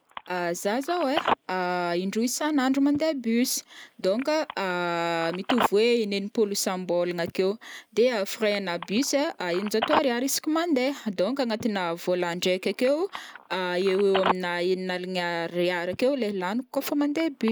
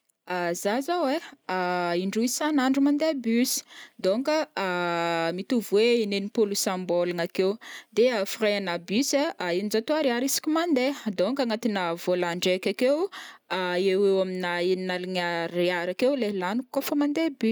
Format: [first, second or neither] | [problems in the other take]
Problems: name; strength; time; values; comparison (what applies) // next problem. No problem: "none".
second | background sound (Telephone); 11 dB below the speech